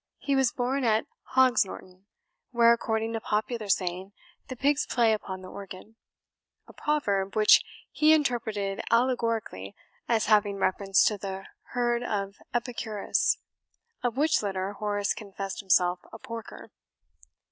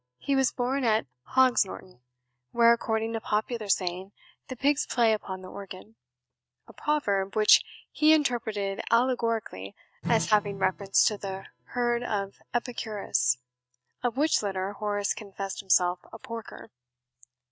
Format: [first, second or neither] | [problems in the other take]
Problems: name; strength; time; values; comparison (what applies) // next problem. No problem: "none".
first | noise reduction (neural mask model RNNoise)